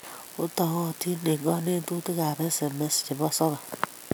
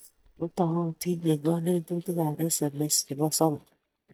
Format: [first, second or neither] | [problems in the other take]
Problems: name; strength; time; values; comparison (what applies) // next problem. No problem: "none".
first | noise reduction (neural mask model DeepFilterNet 3)